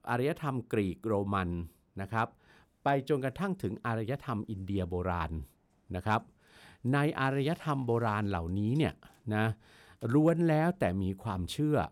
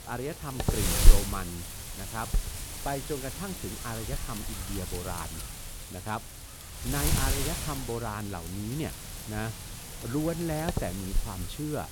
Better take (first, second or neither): first